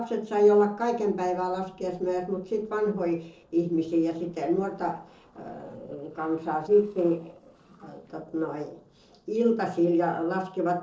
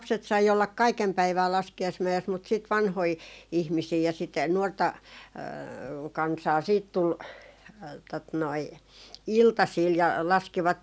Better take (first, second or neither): second